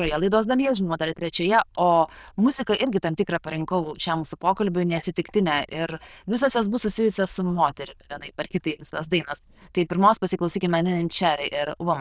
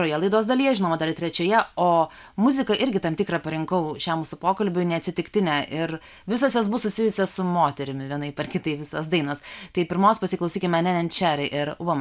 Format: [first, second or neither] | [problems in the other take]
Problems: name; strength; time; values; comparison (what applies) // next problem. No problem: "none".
second | noise reduction (neural diffusion model UNIVERSE++)